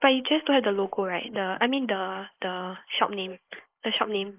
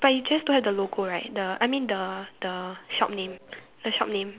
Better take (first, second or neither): second